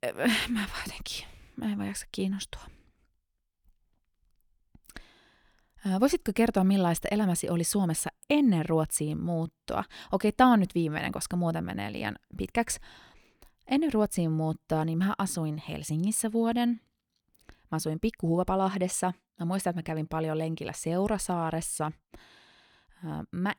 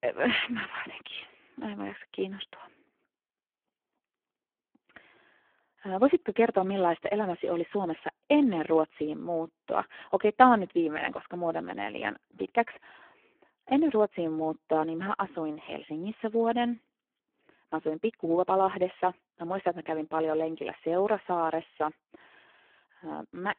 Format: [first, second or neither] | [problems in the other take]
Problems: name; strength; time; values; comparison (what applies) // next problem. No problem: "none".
first | phone-call audio; poor line